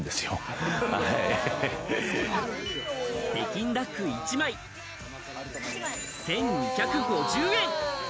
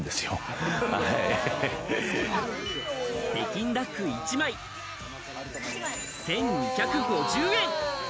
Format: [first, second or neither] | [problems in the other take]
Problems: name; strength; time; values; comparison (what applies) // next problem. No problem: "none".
first | background sound (Screech); 20 dB below the speech